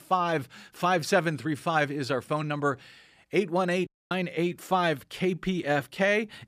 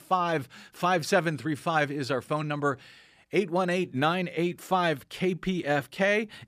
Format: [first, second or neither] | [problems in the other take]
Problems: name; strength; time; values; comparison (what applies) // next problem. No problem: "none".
second | audio cutting out; at 4 s